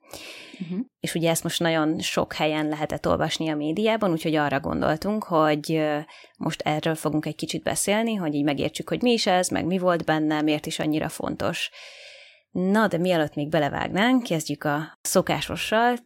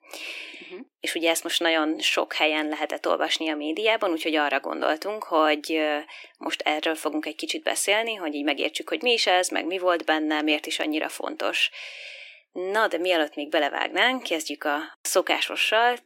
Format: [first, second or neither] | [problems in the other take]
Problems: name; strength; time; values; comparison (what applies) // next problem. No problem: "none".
first | thin; somewhat; fading below 300 Hz